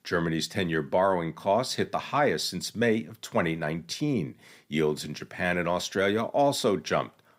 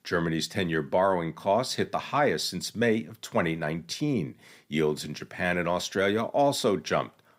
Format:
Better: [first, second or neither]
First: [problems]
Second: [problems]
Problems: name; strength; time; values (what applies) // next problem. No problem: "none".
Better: neither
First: none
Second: none